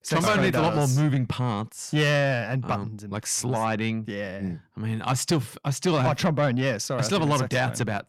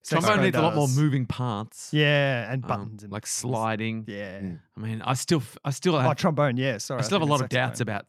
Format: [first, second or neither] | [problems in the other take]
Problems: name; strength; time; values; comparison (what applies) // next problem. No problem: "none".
second | distortion; slight; 10 dB below the speech